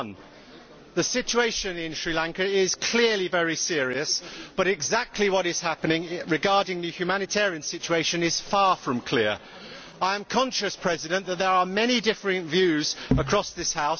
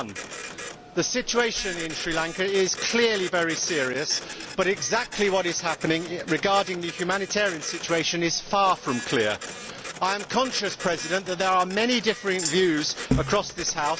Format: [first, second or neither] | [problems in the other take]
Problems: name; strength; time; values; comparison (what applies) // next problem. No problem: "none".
first | background sound (Tambourine + Printer); 12 dB below the speech